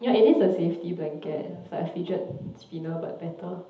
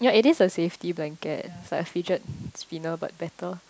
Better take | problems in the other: second | room echo; dies away in 0.8 s

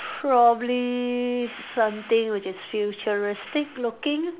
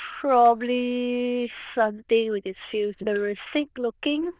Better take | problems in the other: first | noise reduction (neural diffusion model UNIVERSE++)

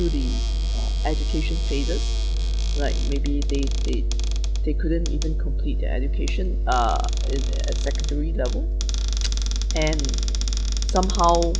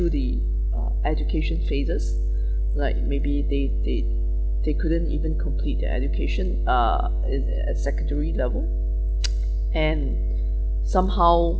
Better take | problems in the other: second | background sound (Cupboard open or close); 16 dB below the speech

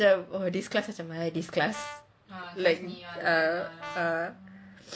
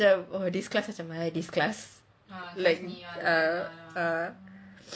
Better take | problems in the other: second | background sound (Brass instrument); 15 dB below the speech

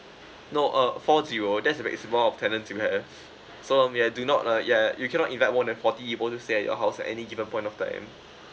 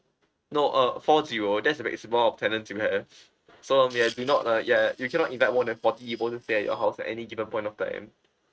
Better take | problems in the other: first | noise reduction (neural mask model RNNoise)

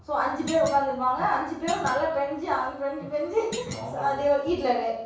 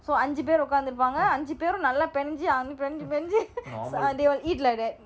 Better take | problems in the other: second | background sound (Thump, thud); 15 dB below the speech // room echo; dies away in 0.7 s

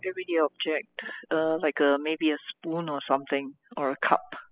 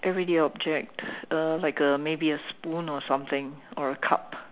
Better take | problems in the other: second | noise reduction (classical method spectral subtraction)

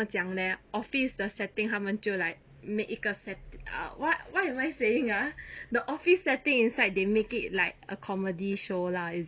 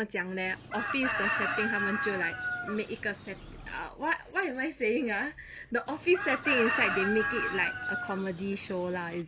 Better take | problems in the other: first | background sound (Chicken, rooster); 2 dB below the speech

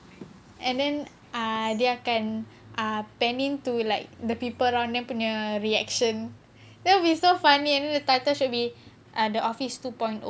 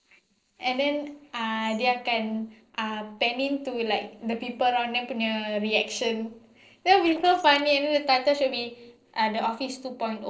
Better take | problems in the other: first | noise reduction (neural separator model SepFormer DNS4)

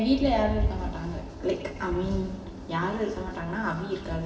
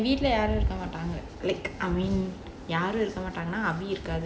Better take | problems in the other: second | room echo; dies away in 1.2 s

